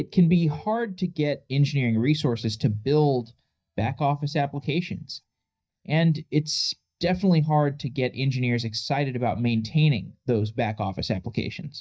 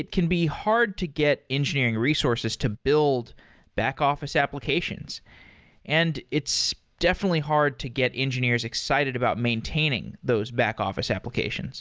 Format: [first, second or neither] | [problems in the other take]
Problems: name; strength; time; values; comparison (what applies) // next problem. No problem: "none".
second | noise reduction (neural mask model DeepFilterNet 3)